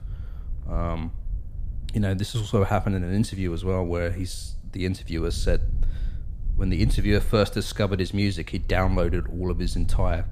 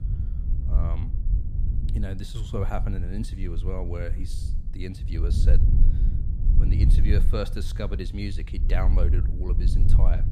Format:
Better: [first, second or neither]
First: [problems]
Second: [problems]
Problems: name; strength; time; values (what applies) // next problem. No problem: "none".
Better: first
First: low rumble; faint; throughout; 25 dB below the speech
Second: low rumble; loud; throughout; 6 dB below the speech